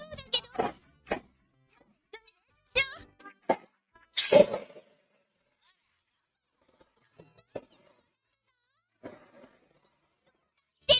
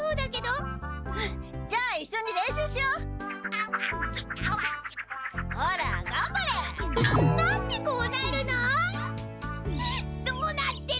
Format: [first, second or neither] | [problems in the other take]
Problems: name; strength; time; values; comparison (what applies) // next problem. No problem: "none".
second | noise reduction (neural mask model RNNoise)